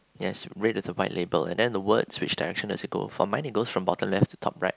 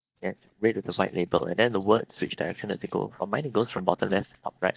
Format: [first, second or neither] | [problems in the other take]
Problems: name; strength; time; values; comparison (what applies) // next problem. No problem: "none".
first | noise reduction (neural mask model DeepFilterNet 3)